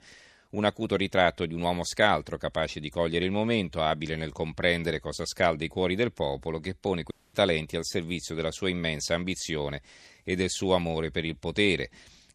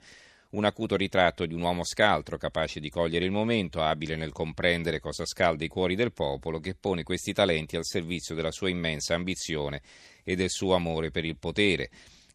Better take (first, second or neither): second